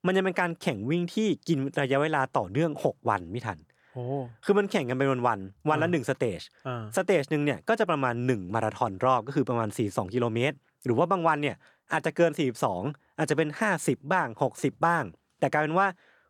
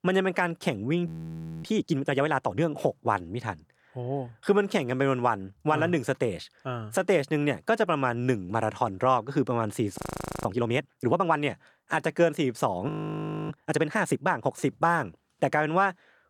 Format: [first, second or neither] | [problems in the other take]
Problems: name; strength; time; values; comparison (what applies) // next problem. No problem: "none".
first | audio freezing; at 1 s for 0.5 s, at 10 s and at 13 s for 0.5 s